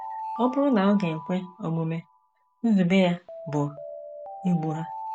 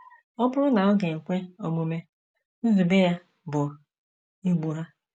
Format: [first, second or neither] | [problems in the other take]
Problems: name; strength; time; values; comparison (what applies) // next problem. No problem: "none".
second | background sound (Alarm); 13 dB below the speech